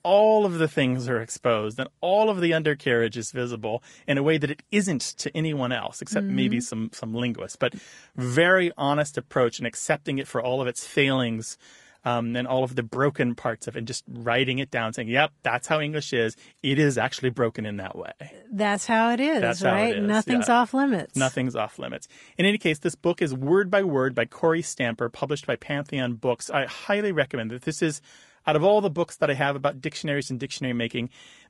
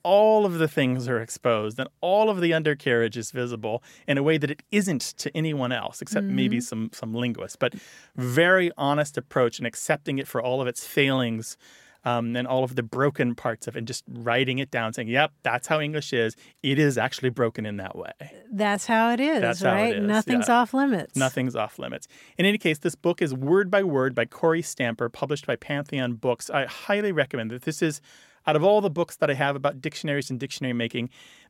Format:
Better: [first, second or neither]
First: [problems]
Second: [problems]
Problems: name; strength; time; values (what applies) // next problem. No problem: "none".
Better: second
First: garbled, watery; slightly; nothing above 10.5 kHz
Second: none